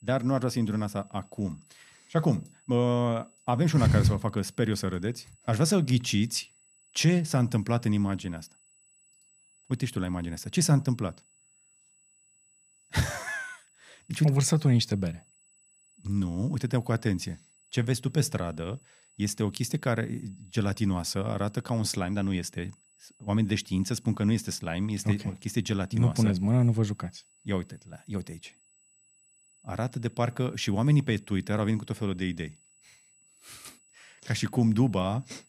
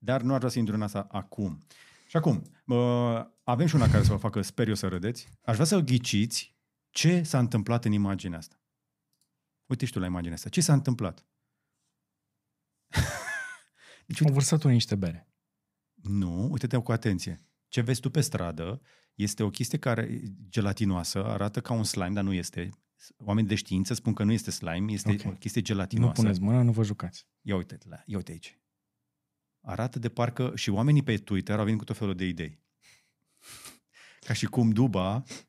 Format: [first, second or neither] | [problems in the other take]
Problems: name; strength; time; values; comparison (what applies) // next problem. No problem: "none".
second | high-pitched whine; faint; throughout; 8 kHz, 30 dB below the speech